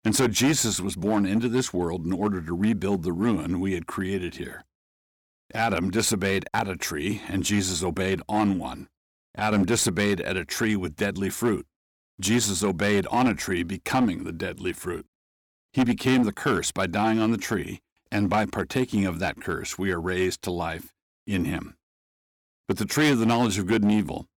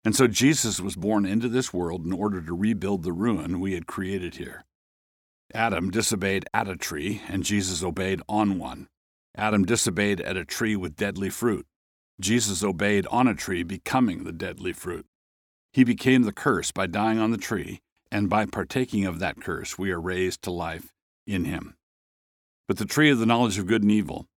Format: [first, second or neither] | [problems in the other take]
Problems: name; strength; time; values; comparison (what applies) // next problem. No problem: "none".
second | distortion; slight; 5% of the sound clipped